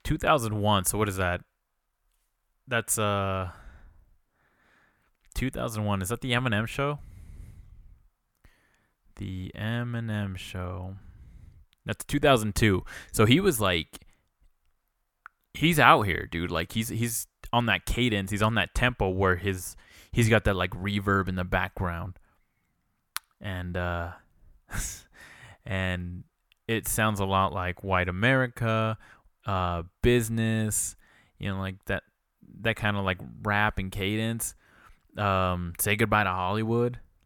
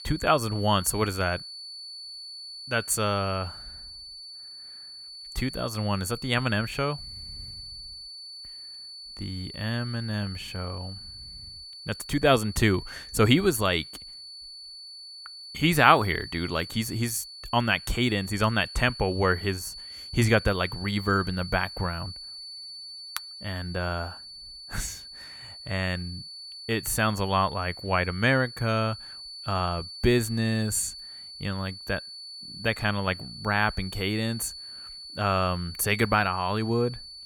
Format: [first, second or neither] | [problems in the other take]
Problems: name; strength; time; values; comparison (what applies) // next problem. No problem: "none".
first | high-pitched whine; noticeable; throughout; 4.5 kHz, 10 dB below the speech